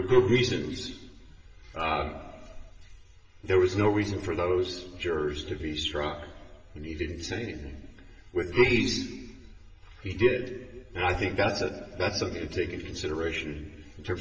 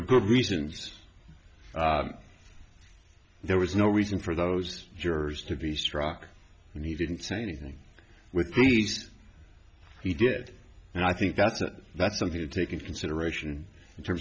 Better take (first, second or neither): second